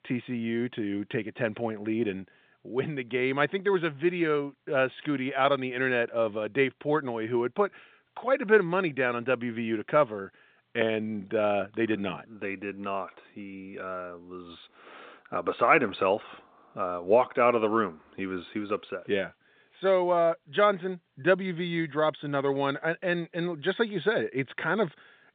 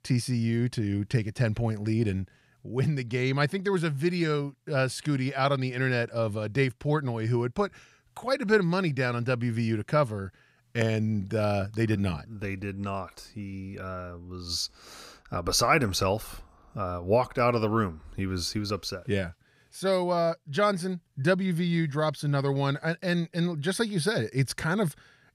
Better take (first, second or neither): second